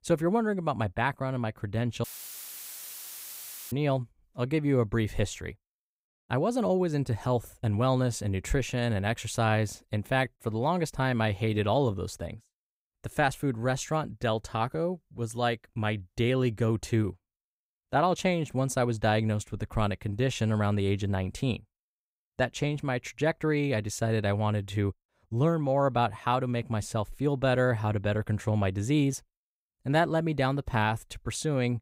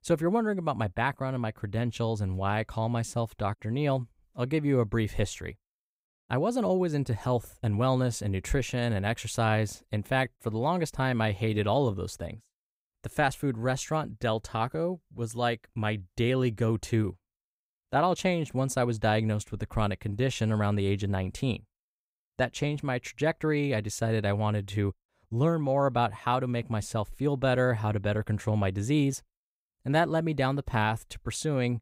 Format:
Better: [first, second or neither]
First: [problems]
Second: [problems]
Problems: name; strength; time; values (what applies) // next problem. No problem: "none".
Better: second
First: audio cutting out; filled with static; at 2 s for 1.5 s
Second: none